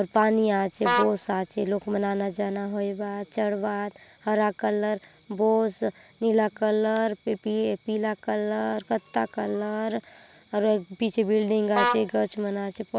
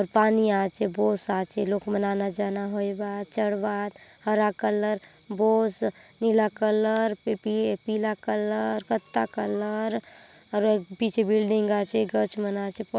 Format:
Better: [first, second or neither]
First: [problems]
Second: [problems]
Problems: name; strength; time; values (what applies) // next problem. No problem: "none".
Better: second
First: background sound (Vehicle horn, car horn, honking); 5 dB below the speech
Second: none